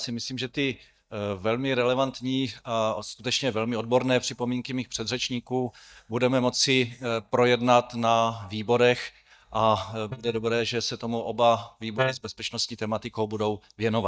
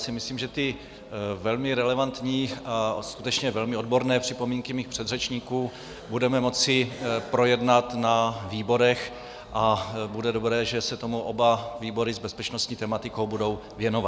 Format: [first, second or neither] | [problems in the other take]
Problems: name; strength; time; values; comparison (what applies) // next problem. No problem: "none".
second | noise reduction (neural mask model DeepFilterNet 3)